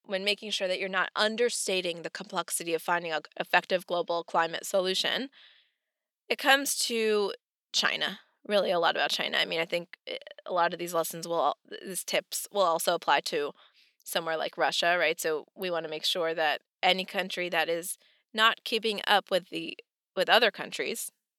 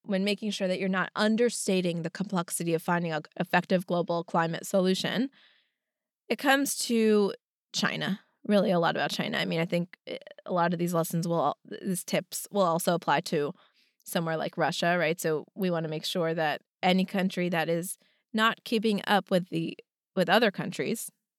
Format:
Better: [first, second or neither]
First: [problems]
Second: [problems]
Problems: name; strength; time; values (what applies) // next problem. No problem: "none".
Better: second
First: thin; somewhat; fading below 450 Hz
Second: none